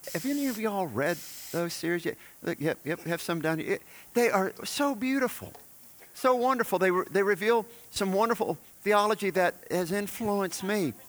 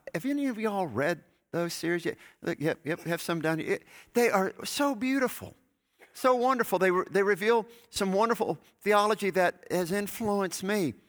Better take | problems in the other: second | hiss; noticeable; throughout; 15 dB below the speech

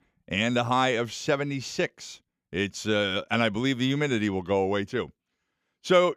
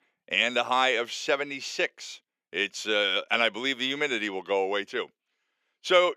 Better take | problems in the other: first | thin; somewhat; fading below 450 Hz

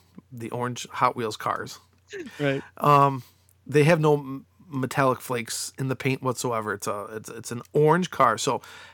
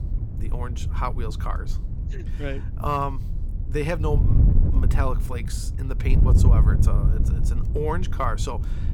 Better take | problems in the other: first | wind noise on the microphone; heavy; 9 dB below the speech

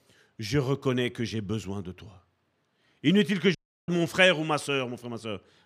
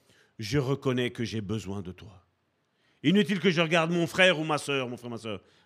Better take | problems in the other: second | audio cutting out; at 3.5 s

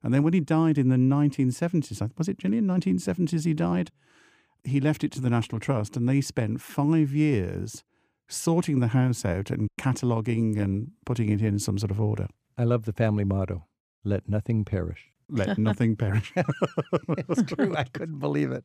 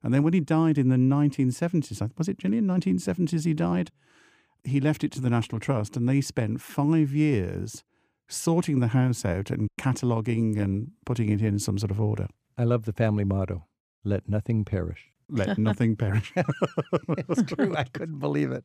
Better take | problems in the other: neither | none

